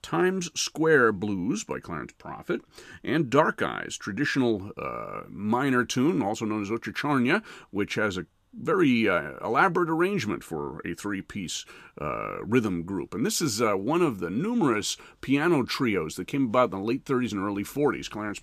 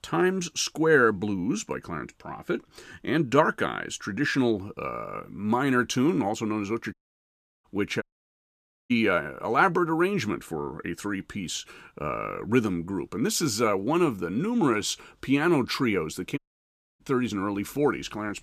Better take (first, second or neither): first